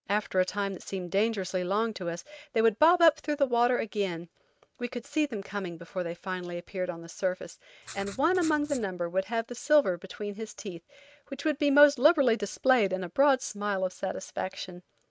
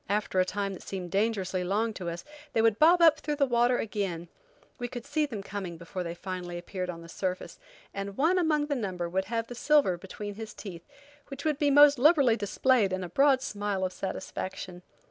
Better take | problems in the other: second | noise reduction (neural mask model RNNoise)

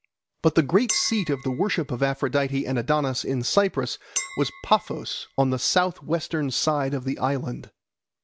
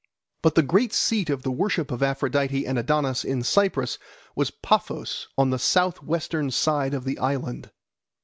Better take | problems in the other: second | background sound (Chink, clink); 14 dB below the speech

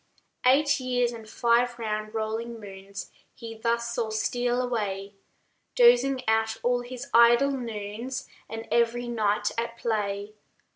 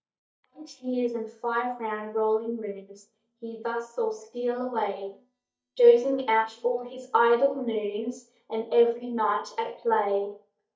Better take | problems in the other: first | noise reduction (neural mask model DeepFilterNet 3)

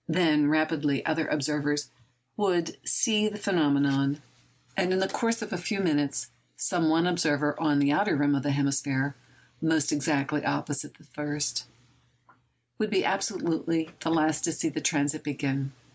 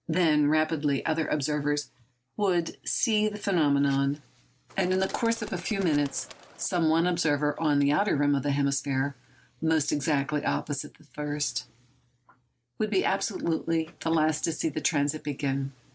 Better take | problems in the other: first | noise reduction (neural separator model SepFormer DNS4)

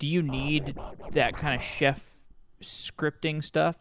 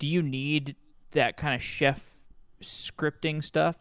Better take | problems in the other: second | background sound (Scratching (performance technique)); 9 dB below the speech

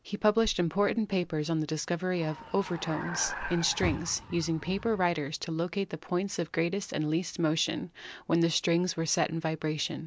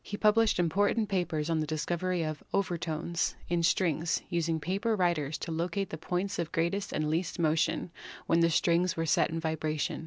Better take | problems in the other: second | background sound (Vehicle); 9 dB below the speech

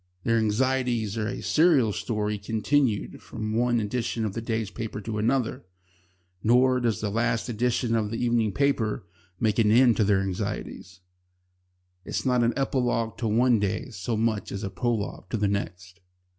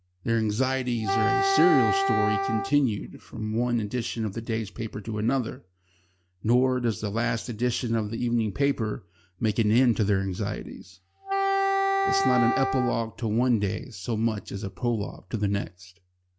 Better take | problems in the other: first | background sound (Wind instrument, woodwind instrument); as loud as the speech

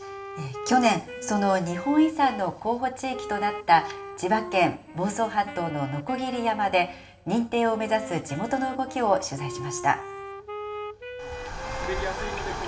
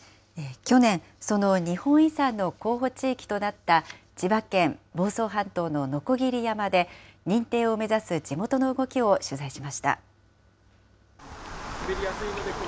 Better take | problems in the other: second | background sound (Wind instrument, woodwind instrument); 12 dB below the speech // room echo; dies away in 0.9 s

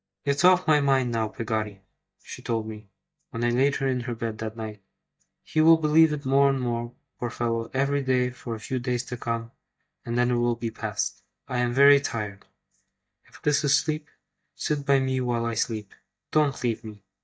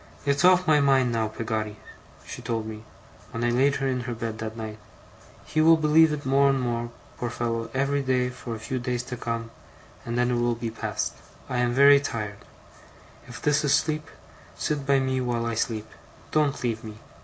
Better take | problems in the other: second | noise reduction (neural mask model DeepFilterNet 3)

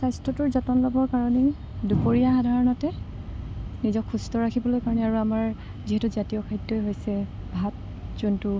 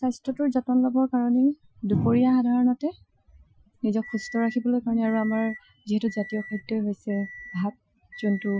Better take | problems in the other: first | noise reduction (classical method Wiener filter)

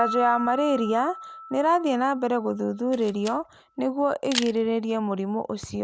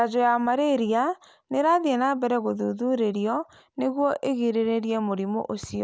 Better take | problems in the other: second | background sound (Camera + Piano); 12 dB below the speech

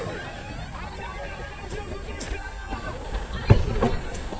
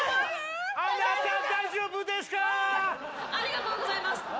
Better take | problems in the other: second | noise reduction (neural mask model DeepFilterNet 3)

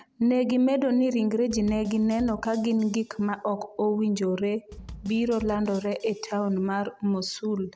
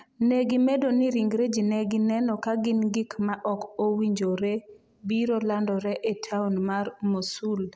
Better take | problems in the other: second | background sound (Bass drum / Snare drum); 19 dB below the speech

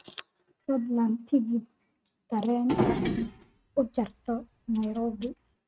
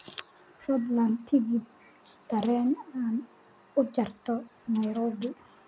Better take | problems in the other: second | noise reduction (neural mask model RNNoise)

